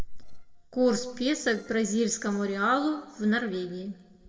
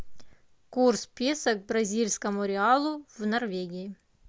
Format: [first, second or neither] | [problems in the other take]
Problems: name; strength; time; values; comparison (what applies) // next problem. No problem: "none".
second | noise reduction (neural separator model SepFormer DNS4)